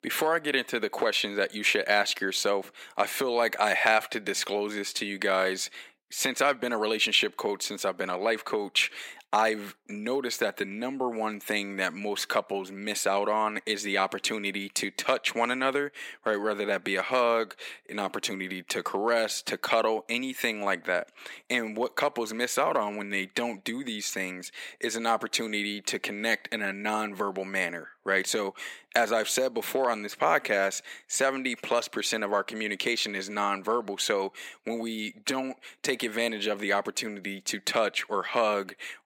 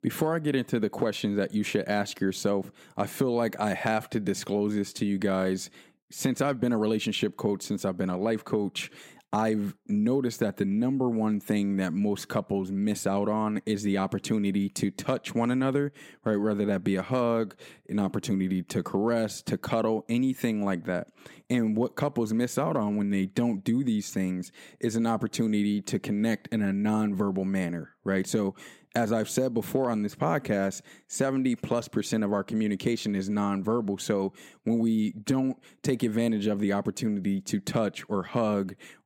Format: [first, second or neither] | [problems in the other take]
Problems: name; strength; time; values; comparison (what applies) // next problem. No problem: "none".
second | thin; somewhat; fading below 550 Hz